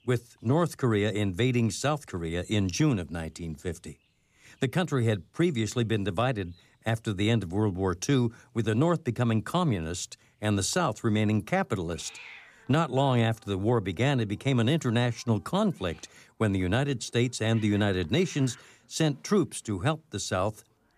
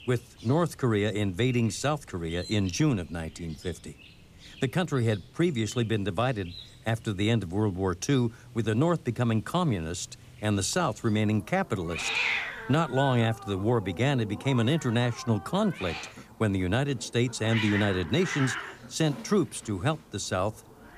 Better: first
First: animal sounds; faint; throughout; 25 dB below the speech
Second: animal sounds; loud; throughout; 8 dB below the speech

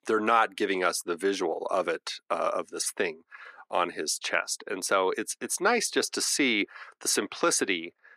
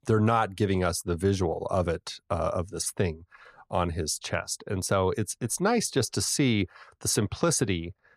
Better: second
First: thin; somewhat; fading below 300 Hz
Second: none

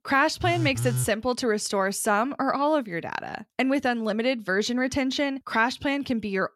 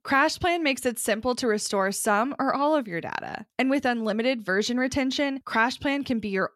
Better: second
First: phone ringing; noticeable; at 0.5 s; peak 3 dB below the speech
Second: none

